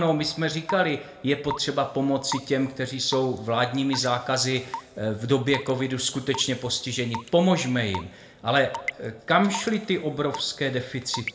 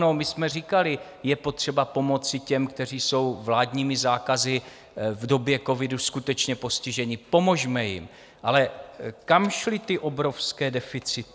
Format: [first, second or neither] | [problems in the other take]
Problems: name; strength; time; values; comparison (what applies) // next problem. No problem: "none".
second | background sound (Raindrop / Drip / Water tap, faucet); 15 dB below the speech // room echo; dies away in 0.6 s